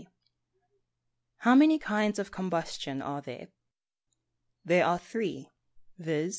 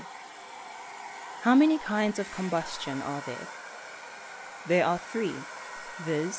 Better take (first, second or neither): first